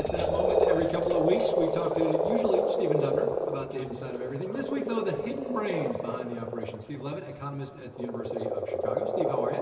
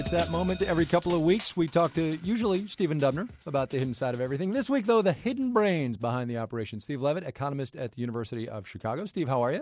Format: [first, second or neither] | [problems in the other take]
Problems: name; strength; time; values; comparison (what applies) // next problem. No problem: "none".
second | background sound (Frog); 4 dB above the speech // room echo; dies away in 2 s